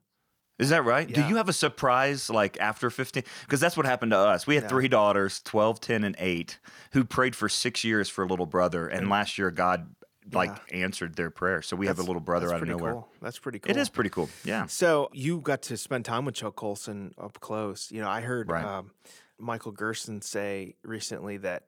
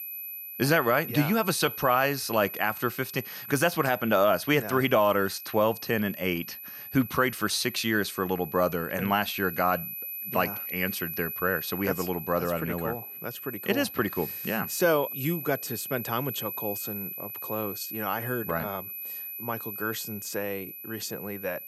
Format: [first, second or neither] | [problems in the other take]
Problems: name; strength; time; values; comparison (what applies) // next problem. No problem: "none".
first | high-pitched whine; loud; throughout; 12 kHz, 8 dB below the speech